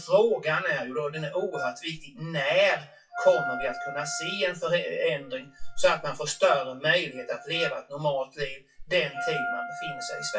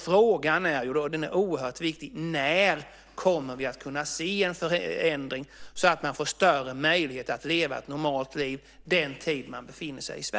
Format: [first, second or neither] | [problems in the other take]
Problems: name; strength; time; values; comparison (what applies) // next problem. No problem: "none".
second | noise reduction (classical method WPE with log-MMSE)